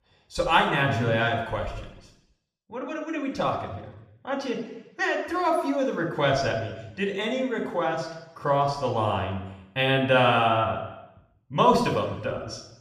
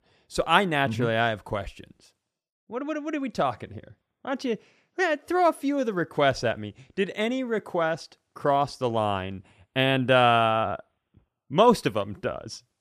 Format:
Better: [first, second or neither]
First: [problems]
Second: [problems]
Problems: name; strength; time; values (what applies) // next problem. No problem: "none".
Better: second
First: room echo; noticeable; dies away in 0.8 s // off-mic speech; somewhat distant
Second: none